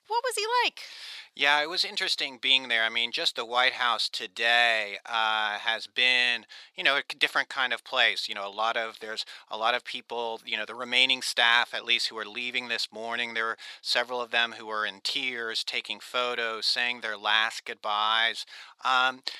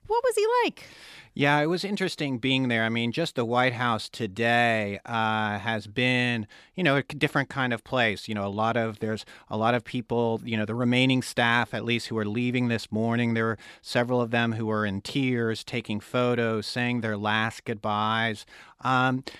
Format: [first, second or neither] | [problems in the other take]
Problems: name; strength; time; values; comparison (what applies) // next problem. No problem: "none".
second | thin; very; fading below 750 Hz